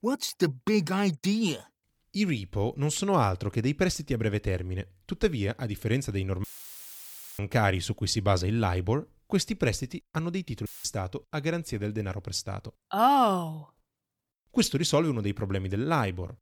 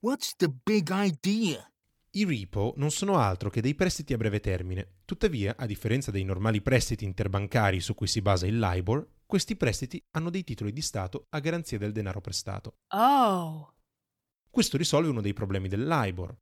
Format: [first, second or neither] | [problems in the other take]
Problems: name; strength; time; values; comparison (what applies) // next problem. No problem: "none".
second | audio cutting out; filled with static; at 6.5 s for 1 s and at 11 s